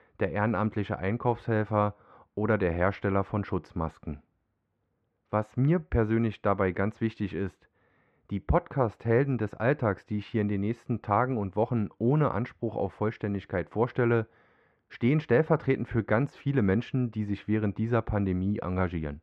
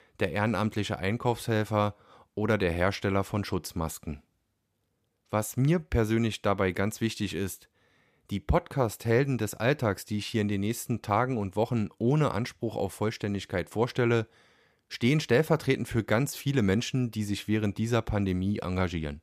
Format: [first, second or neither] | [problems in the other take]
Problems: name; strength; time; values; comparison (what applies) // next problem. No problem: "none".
second | muffled; very; fading above 1.5 kHz